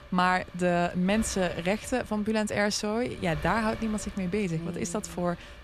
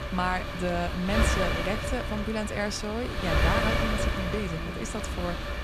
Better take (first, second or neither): first